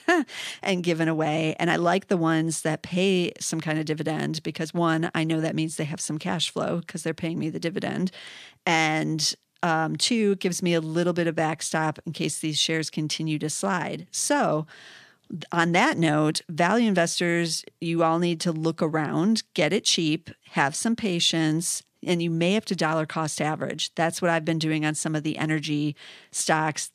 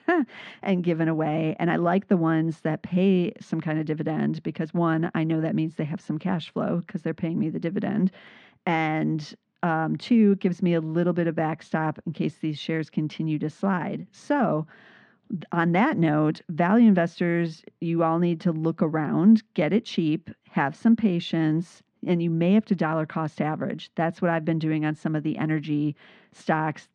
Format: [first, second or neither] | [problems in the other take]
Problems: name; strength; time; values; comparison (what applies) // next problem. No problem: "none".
first | muffled; very; fading above 2 kHz